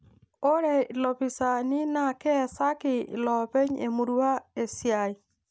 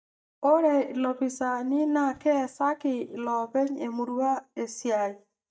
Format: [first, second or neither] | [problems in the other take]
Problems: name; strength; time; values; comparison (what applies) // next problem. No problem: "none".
first | noise reduction (neural mask model DeepFilterNet 3)